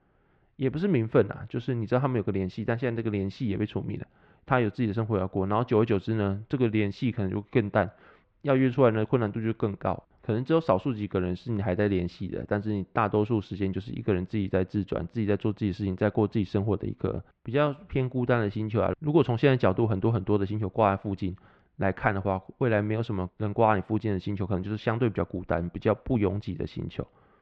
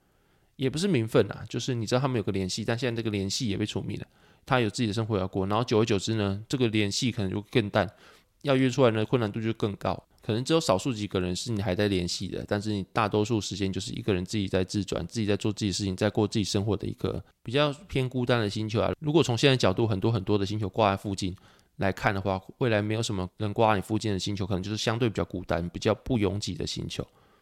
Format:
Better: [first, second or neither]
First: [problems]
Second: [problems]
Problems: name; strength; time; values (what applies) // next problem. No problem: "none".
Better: second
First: muffled; very; fading above 2 kHz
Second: none